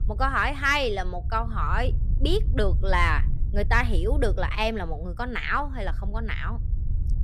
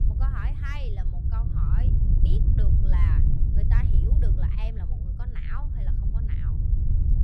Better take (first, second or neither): first